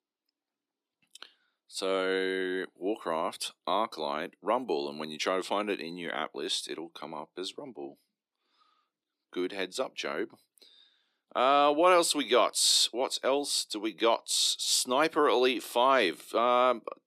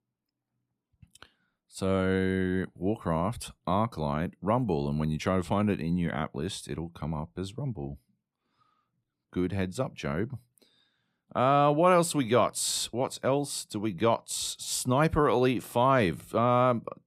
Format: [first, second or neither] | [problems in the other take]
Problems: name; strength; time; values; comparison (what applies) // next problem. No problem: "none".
second | thin; somewhat; fading below 300 Hz